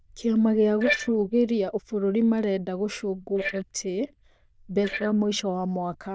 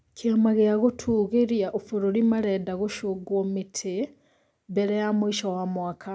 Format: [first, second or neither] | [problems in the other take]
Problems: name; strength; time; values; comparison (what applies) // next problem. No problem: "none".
second | noise reduction (neural diffusion model UNIVERSE++)